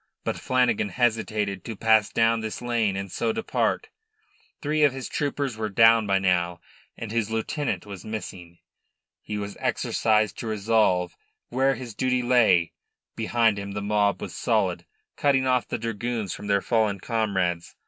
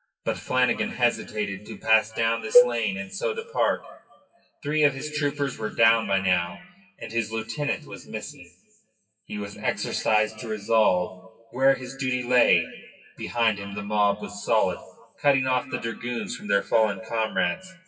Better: first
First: none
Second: noise reduction (classical method WPE with log-MMSE)

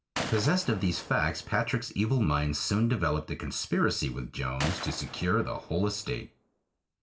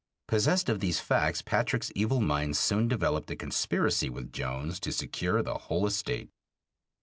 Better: second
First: background sound (Gunshot, gunfire); 12 dB below the speech // room echo; dies away in 0.3 s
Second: none

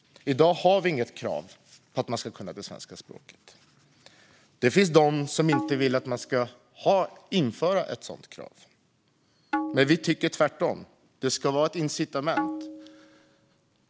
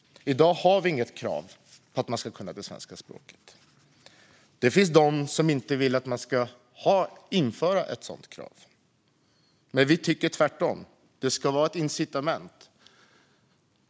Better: second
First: background sound (Tabla); 8 dB below the speech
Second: none

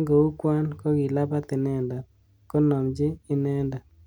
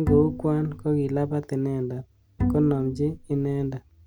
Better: first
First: none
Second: background sound (Bowed string instrument); 5 dB below the speech

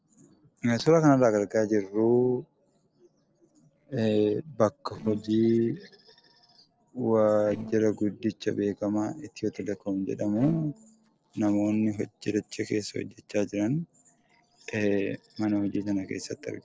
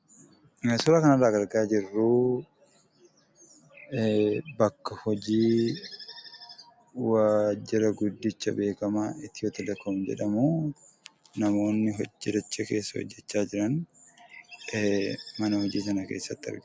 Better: second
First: noise reduction (neural separator model SepFormer DNS4)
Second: none

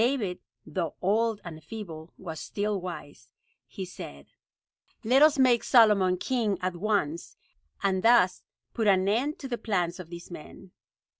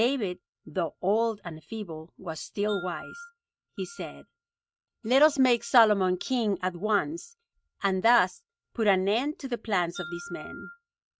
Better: first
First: none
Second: noise reduction (neural mask model RNNoise)

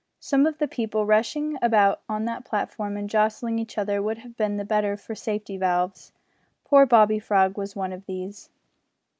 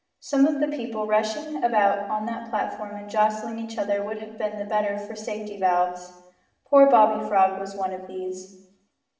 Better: first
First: none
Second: room echo; dies away in 0.8 s

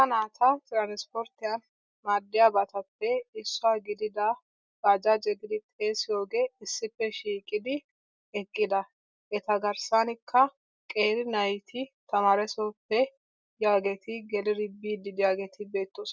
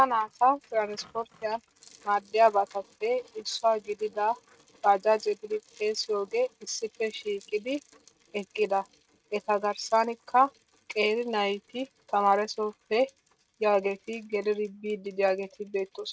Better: first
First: none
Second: noise reduction (neural mask model RNNoise)

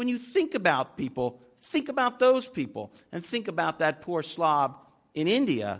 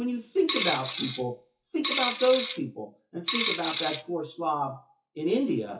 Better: first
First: none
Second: noise reduction (classical method WPE with log-MMSE)

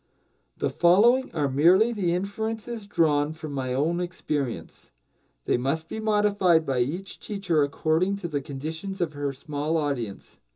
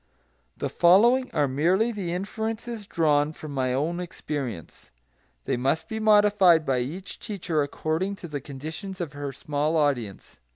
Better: second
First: room echo; dies away in 0.2 s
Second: none

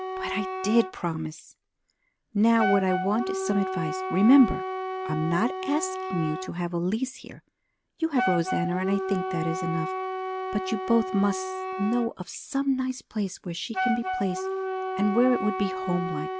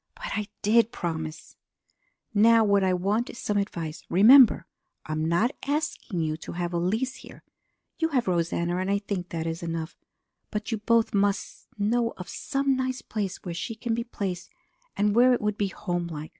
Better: second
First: background sound (Wind instrument, woodwind instrument); 5 dB below the speech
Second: none

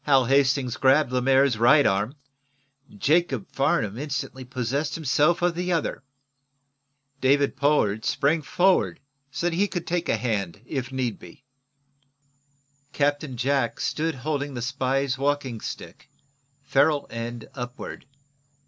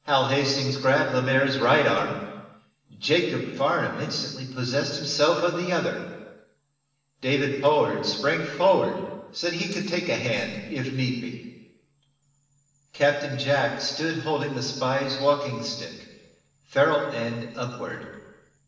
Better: first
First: none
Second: room echo; dies away in 1.1 s

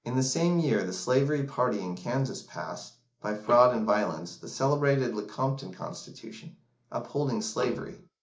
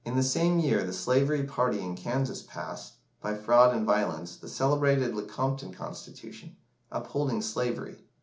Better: second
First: noise reduction (neural mask model Resemble Enhance denoiser)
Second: none

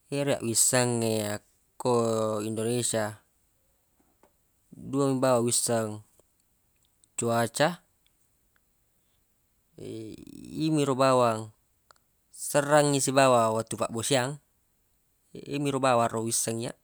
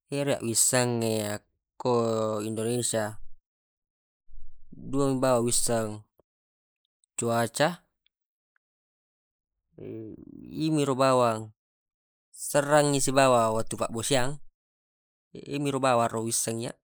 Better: first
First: none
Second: noise reduction (neural mask model Resemble Enhance denoiser)

